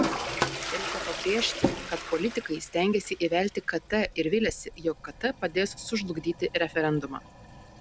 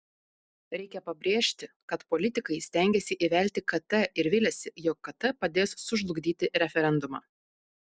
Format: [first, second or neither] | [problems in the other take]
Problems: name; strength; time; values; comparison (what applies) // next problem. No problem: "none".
second | background sound (Toilet flush); 6 dB below the speech